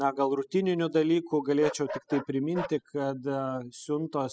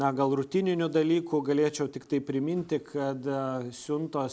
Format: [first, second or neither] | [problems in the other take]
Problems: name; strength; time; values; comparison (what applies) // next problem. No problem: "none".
second | noise reduction (classical method spectral subtraction)